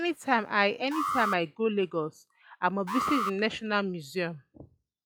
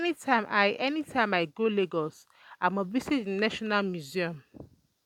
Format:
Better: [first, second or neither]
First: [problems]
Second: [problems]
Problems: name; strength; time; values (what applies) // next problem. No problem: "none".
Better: second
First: noise reduction (classical method log-MMSE)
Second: none